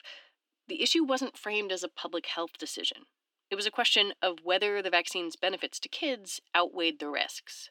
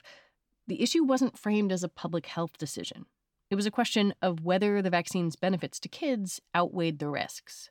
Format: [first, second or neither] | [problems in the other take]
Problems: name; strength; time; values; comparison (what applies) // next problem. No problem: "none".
second | thin; somewhat; fading below 300 Hz